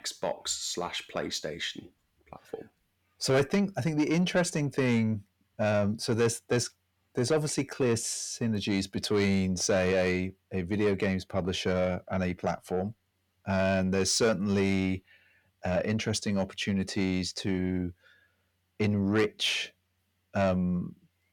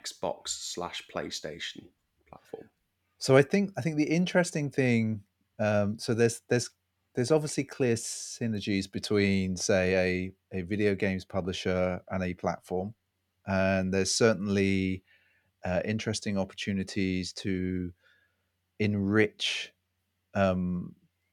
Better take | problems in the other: second | distortion; slight; 10 dB below the speech

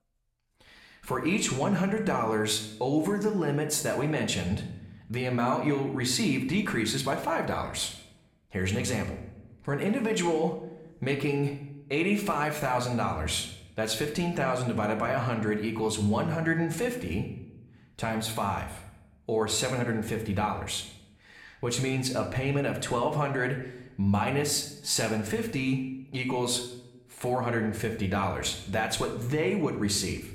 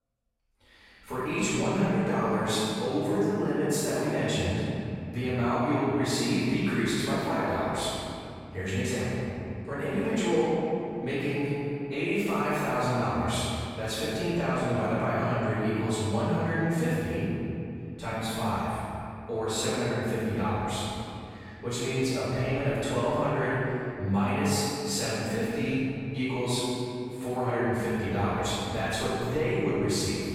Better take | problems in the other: first | room echo; strong; dies away in 2.8 s; slight in the first // off-mic speech; far

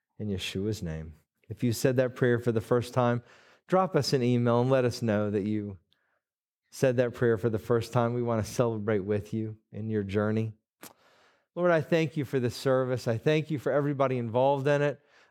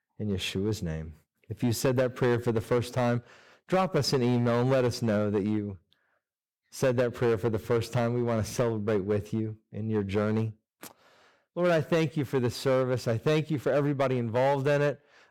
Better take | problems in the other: first | distortion; slight; 7% of the sound clipped

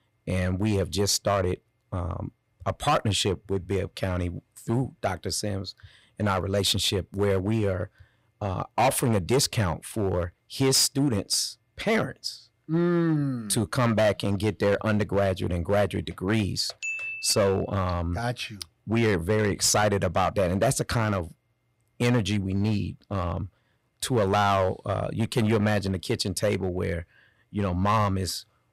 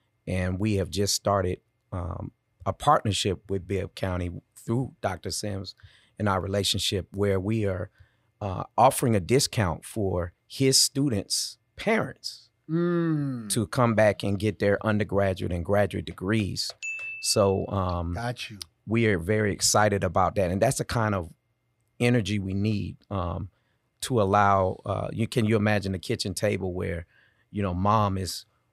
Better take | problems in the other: second | distortion; slight; 5% of the sound clipped

